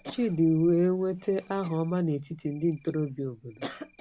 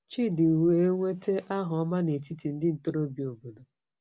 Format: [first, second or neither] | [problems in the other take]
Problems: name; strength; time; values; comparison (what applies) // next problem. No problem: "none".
second | background sound (Cough + Cricket); 19 dB below the speech